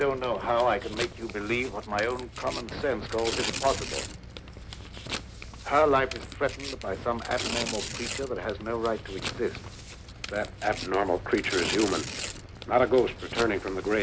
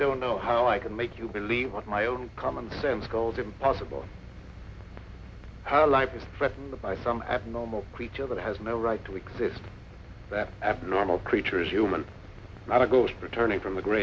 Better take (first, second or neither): second